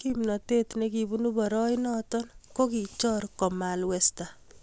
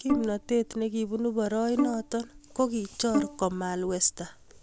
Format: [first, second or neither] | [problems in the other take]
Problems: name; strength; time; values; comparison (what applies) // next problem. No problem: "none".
first | background sound (Bowed string instrument); 5 dB below the speech